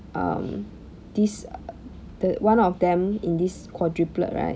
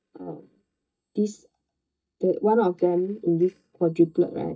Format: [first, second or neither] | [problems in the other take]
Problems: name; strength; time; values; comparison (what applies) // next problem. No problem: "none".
first | noise reduction (neural mask model DeepFilterNet 3)